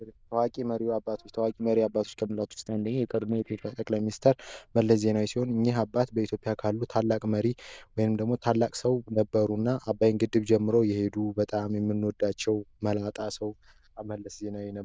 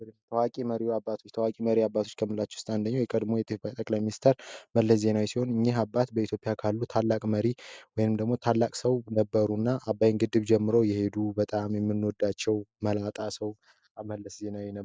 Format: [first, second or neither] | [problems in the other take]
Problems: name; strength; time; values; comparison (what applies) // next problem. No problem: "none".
second | noise reduction (neural diffusion model UNIVERSE++)